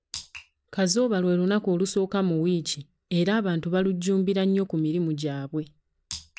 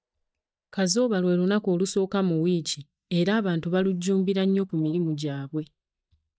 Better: first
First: none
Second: noise reduction (neural mask model DeepFilterNet 3)

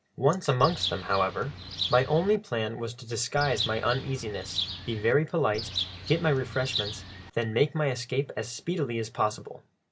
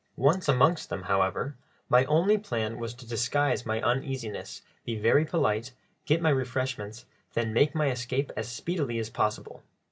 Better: second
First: background sound (Bird); 8 dB below the speech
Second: none

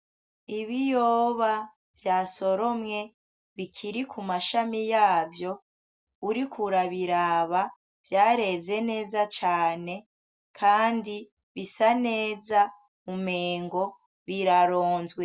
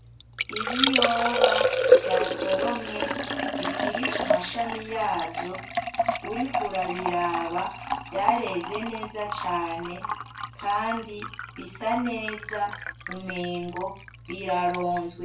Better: first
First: none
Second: background sound (Liquid); 2 dB above the speech // room echo; dies away in 0.3 s

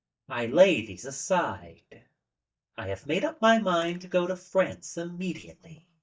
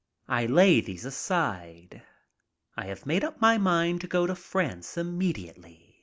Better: second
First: noise reduction (neural mask model DeepFilterNet 3)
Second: none

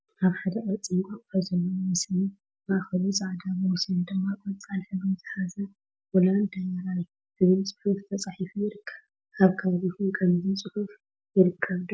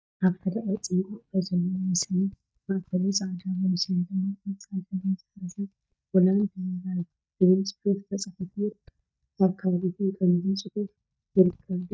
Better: first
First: none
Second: noise reduction (neural mask model DeepFilterNet 3)

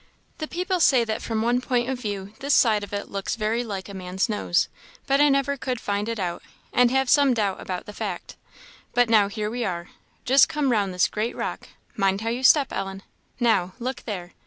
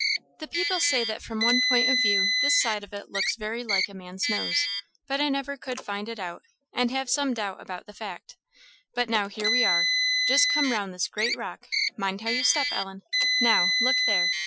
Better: first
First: none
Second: noise reduction (classical method Wiener filter)

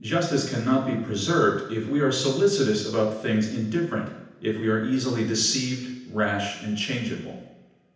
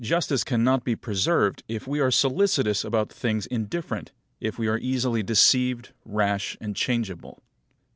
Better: second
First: room echo; dies away in 0.9 s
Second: none

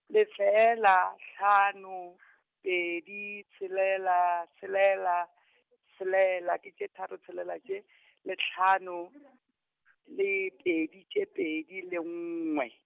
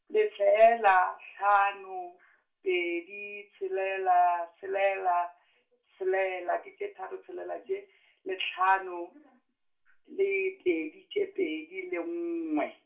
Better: first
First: none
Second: room echo; dies away in 0.3 s

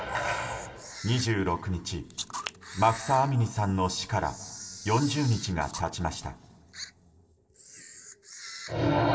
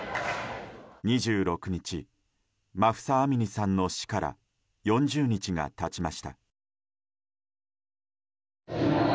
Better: second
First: background sound (Camera); 15 dB below the speech // room echo; dies away in 2.1 s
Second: none

